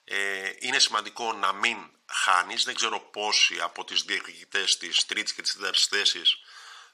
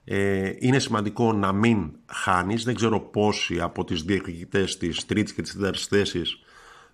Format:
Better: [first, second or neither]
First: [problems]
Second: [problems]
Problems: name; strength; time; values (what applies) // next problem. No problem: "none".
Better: second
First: thin; very; fading below 950 Hz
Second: none